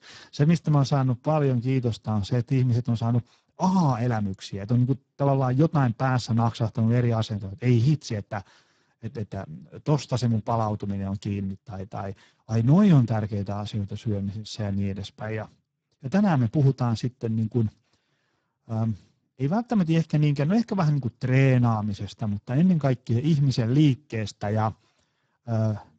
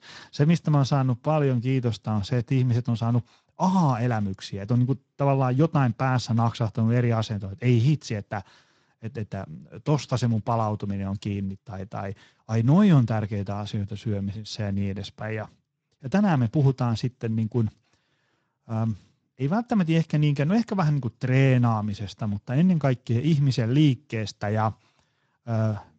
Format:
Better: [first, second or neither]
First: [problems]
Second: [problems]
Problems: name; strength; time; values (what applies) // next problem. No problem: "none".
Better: second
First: garbled, watery; badly; nothing above 7.5 kHz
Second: garbled, watery; slightly; nothing above 7.5 kHz